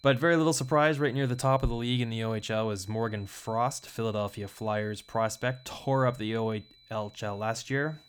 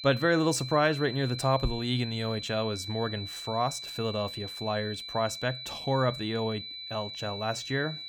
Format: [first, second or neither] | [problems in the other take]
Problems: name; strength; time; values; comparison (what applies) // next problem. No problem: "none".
first | high-pitched whine; loud; throughout; 4 kHz, 8 dB below the speech; faint in the first